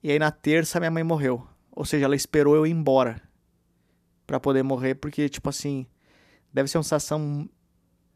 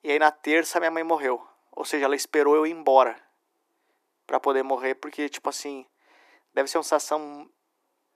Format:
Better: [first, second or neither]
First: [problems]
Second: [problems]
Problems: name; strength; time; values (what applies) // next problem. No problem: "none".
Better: first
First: none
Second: thin; somewhat; fading below 350 Hz